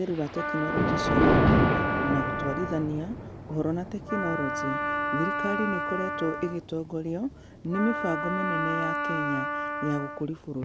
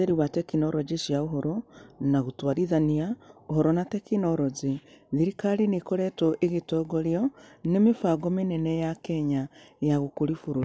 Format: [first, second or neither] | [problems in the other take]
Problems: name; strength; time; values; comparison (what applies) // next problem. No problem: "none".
second | background sound (Thunder + Wind instrument, woodwind instrument); 3 dB above the speech